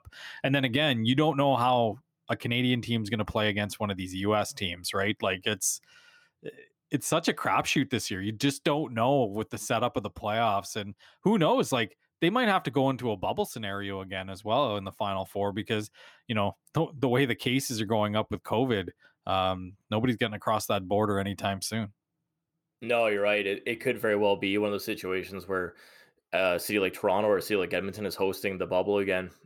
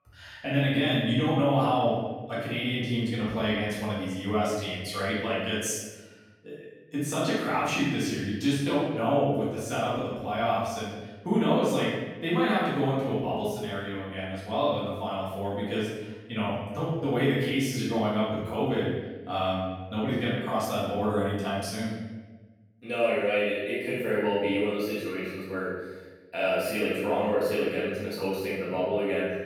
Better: first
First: none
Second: off-mic speech; far // room echo; strong; dies away in 1.1 s

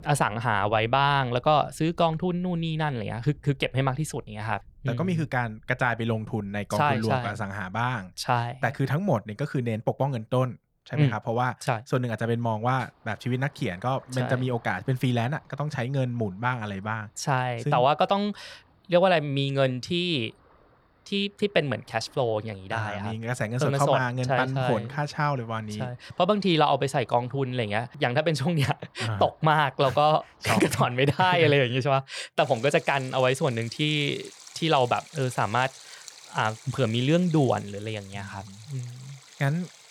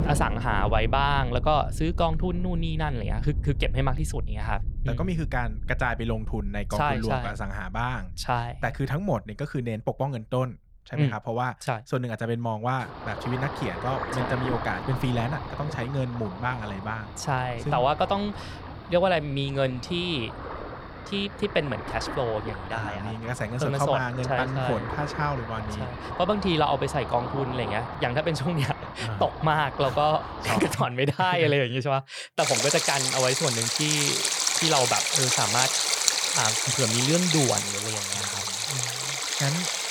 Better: first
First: rain or running water; faint; throughout; 25 dB below the speech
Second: rain or running water; loud; throughout; 1 dB below the speech

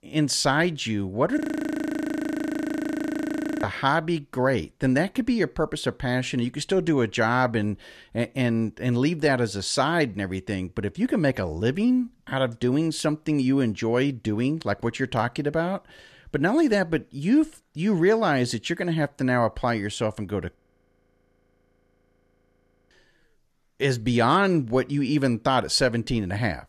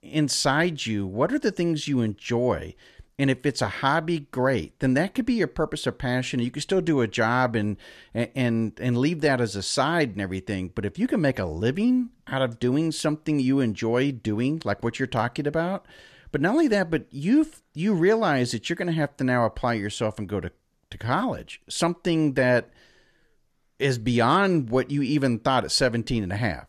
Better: second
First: audio freezing; at 1.5 s for 2 s and at 21 s for 2.5 s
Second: none

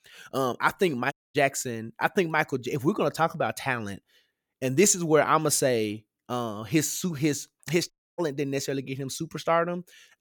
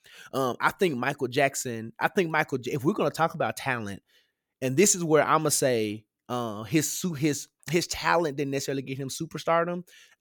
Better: second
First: audio cutting out; at 1 s and at 8 s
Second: none

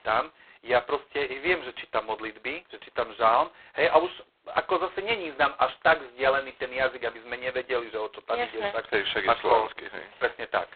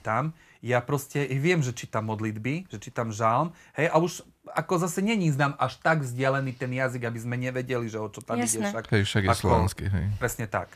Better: second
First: phone-call audio; poor line; nothing above 4 kHz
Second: none

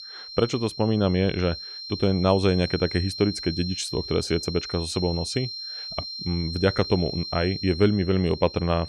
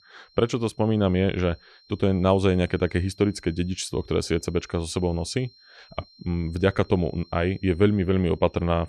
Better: second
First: high-pitched whine; loud; throughout; 4 kHz, 8 dB below the speech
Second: high-pitched whine; faint; throughout; 4 kHz, 30 dB below the speech

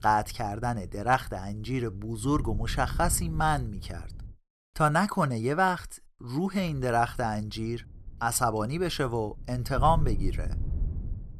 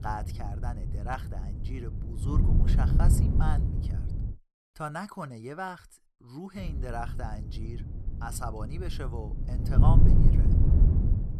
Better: first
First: wind noise on the microphone; occasional gusts; until 4.5 s and from 6.5 s on; 25 dB below the speech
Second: wind noise on the microphone; heavy; until 4.5 s and from 6.5 s on; 3 dB below the speech

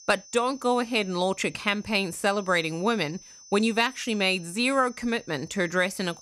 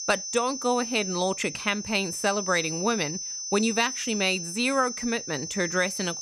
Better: first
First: high-pitched whine; faint; throughout; 6 kHz, 20 dB below the speech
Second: high-pitched whine; loud; throughout; 6 kHz, 6 dB below the speech

